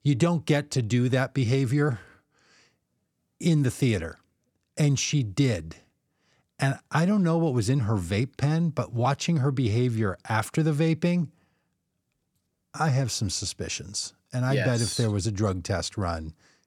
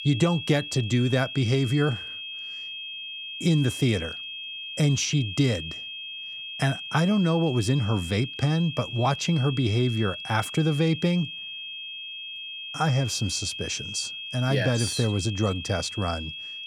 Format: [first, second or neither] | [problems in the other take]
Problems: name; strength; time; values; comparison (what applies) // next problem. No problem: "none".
first | high-pitched whine; loud; throughout; 3 kHz, 9 dB below the speech